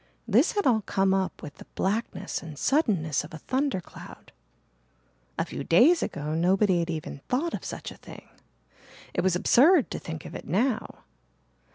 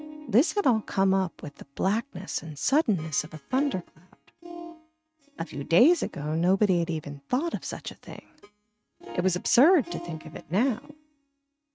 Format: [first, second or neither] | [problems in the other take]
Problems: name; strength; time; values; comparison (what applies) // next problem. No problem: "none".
first | noise reduction (neural mask model RNNoise)